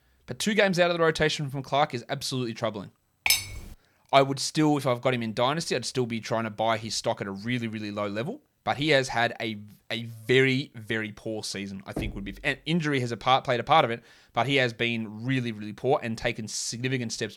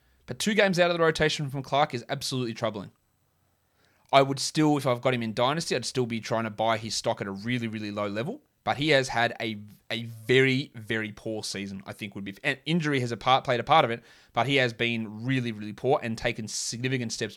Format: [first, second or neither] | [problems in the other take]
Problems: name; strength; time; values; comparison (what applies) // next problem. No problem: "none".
second | clattering dishes; loud; at 3.5 s; peak 3 dB above the speech // door banging; noticeable; at 12 s; peak 10 dB below the speech